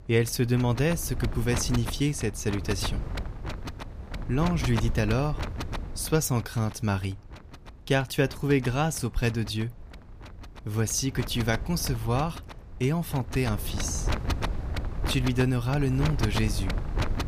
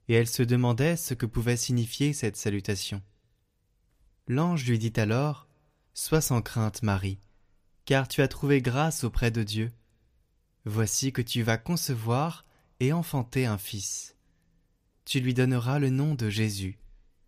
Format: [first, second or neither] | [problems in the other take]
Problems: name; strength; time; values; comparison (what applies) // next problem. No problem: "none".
second | wind noise on the microphone; heavy; 8 dB below the speech